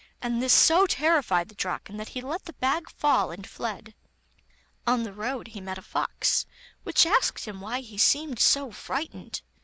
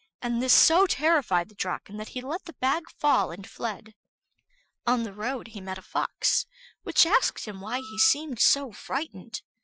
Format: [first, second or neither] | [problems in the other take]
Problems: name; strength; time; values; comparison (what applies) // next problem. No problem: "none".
first | noise reduction (classical method Wiener filter)